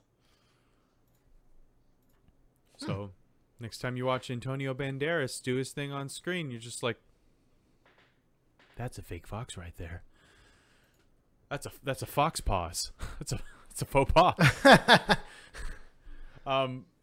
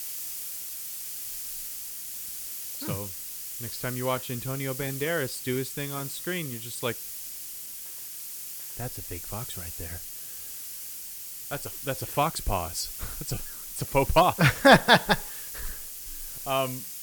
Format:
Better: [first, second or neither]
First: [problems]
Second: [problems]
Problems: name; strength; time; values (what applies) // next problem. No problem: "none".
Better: first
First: none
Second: hiss; loud; throughout; 8 dB below the speech